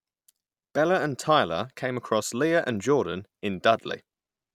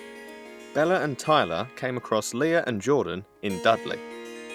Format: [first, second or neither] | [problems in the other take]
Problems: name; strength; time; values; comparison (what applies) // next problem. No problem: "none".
first | background sound (Harp); 16 dB below the speech